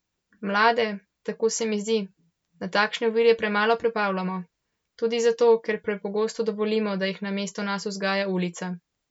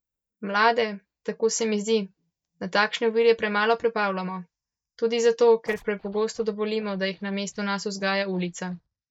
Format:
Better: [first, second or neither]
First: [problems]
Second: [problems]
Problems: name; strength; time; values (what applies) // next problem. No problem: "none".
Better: first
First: none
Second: noise reduction (neural mask model DeepFilterNet 3)